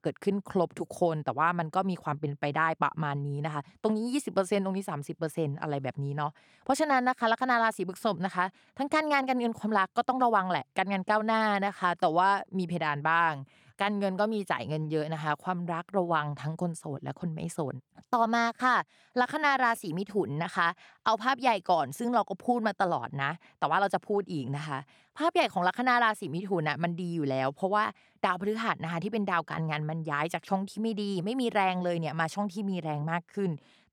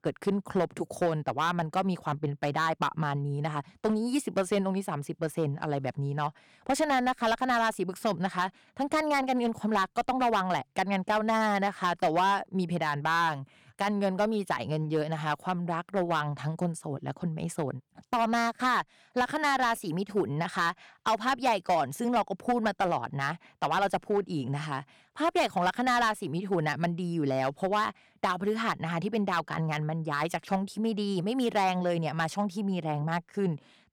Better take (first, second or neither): first